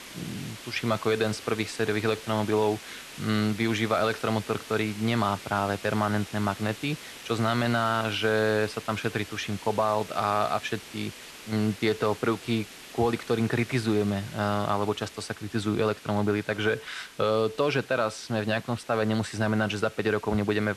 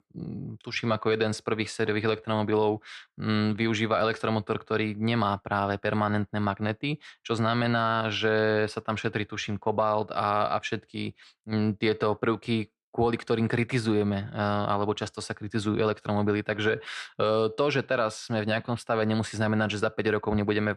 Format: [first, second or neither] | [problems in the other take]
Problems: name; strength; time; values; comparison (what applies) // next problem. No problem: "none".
second | hiss; noticeable; throughout; 15 dB below the speech